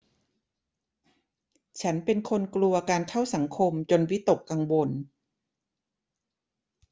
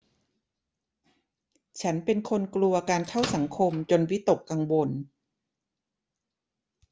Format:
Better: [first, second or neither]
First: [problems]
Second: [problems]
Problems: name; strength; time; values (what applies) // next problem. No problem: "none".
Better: first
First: none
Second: background sound (Microwave oven); 9 dB below the speech